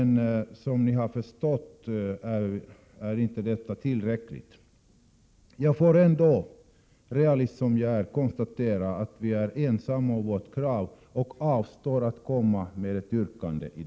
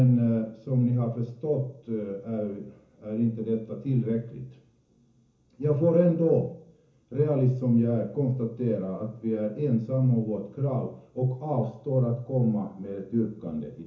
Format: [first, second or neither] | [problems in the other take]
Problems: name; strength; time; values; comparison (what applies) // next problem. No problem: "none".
first | room echo; dies away in 0.7 s